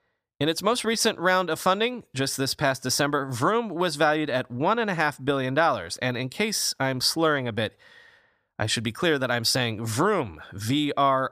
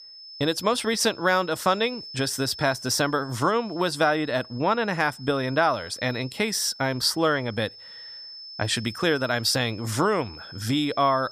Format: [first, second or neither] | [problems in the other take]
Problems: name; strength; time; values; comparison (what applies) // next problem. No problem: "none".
first | high-pitched whine; noticeable; throughout; 5.5 kHz, 15 dB below the speech